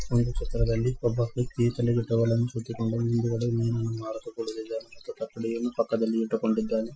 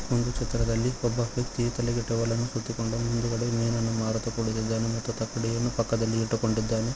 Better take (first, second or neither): second